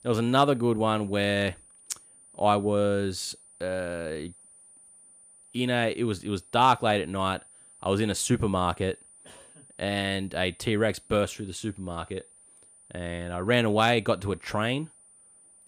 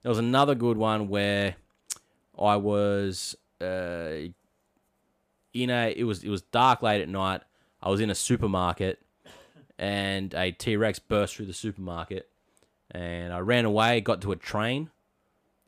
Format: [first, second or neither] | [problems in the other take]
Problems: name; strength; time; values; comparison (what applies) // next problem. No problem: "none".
second | high-pitched whine; faint; throughout; 9.5 kHz, 25 dB below the speech